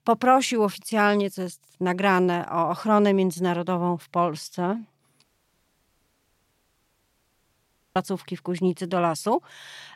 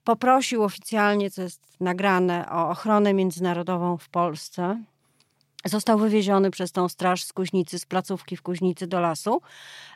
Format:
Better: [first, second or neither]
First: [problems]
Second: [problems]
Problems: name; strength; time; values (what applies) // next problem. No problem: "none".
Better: second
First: audio cutting out; at 5 s for 2.5 s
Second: none